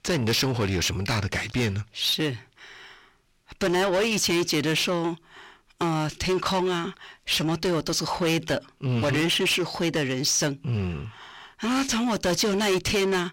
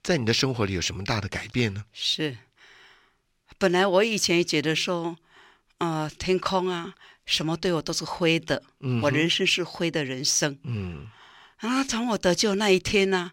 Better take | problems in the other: second | distortion; heavy; 7 dB below the speech

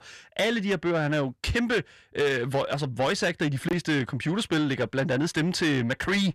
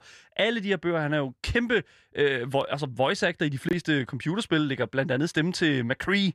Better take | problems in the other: second | distortion; slight; 10 dB below the speech

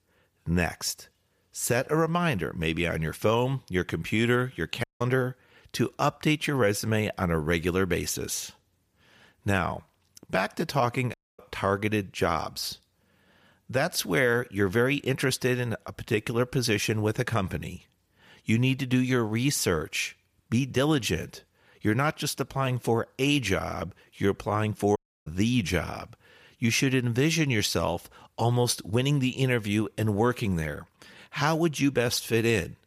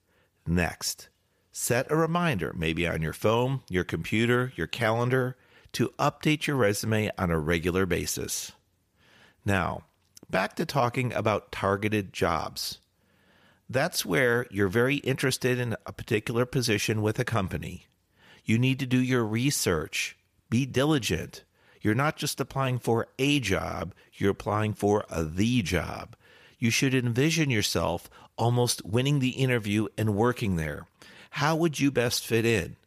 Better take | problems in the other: second | audio cutting out; at 5 s, at 11 s and at 25 s

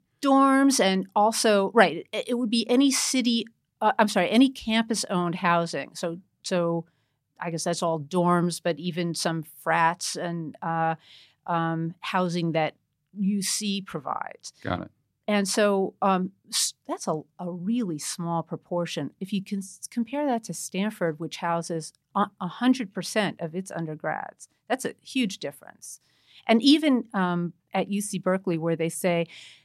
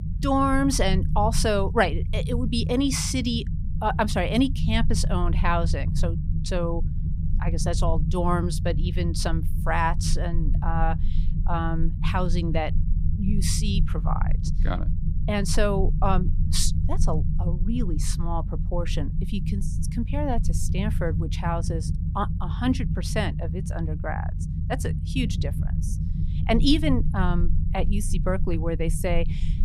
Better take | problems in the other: first | low rumble; noticeable; throughout; 15 dB below the speech

